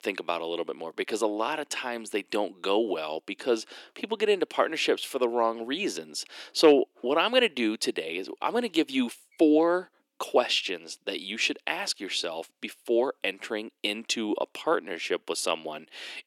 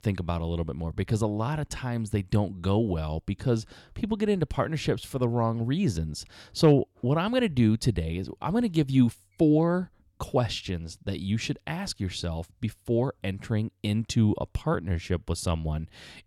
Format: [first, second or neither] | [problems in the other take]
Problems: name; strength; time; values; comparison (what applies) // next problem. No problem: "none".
second | thin; somewhat; fading below 300 Hz